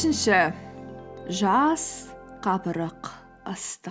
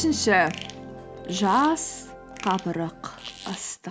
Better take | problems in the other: first | background sound (Fart); 17 dB below the speech

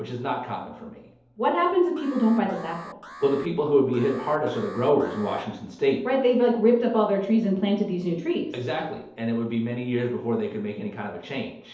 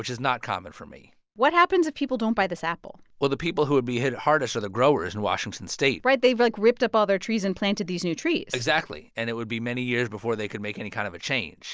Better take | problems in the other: second | background sound (Alarm); 18 dB below the speech // room echo; dies away in 2.2 s

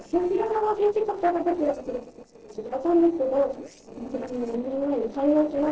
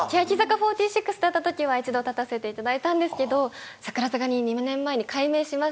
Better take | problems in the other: second | noise reduction (neural separator model SepFormer DNS4)

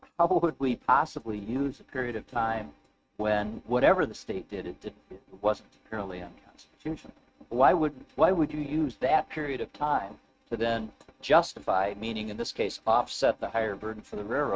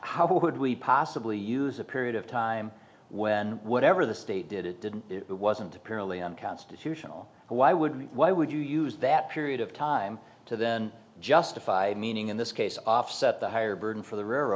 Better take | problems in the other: second | noise reduction (neural mask model RNNoise)

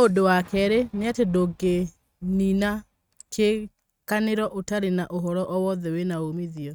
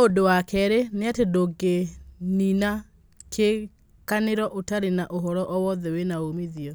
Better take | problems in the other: second | noise reduction (neural mask model RNNoise)

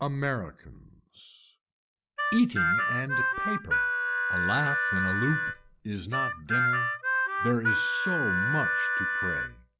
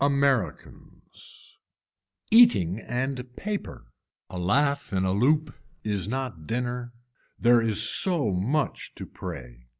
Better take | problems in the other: second | background sound (Harmonica); 5 dB above the speech

